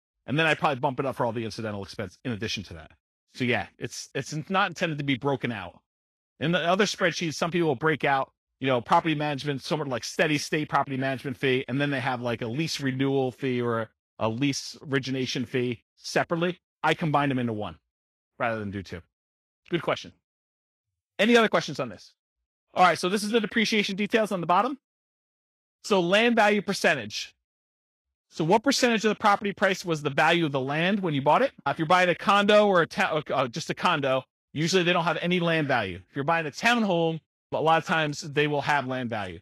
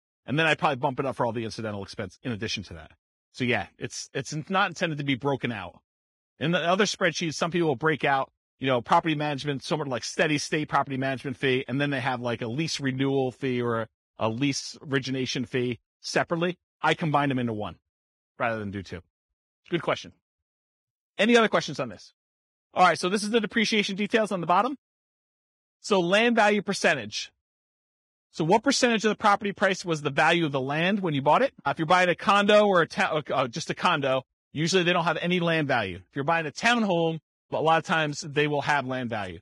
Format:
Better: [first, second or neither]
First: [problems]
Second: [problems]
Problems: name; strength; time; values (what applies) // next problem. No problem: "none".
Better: first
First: garbled, watery; slightly; nothing above 12.5 kHz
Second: garbled, watery; badly; nothing above 10.5 kHz